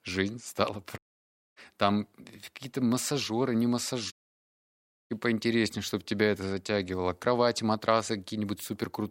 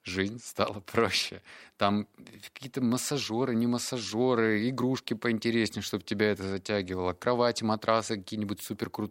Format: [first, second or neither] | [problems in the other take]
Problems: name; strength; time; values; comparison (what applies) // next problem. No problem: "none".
second | audio cutting out; at 1 s for 0.5 s and at 4 s for 1 s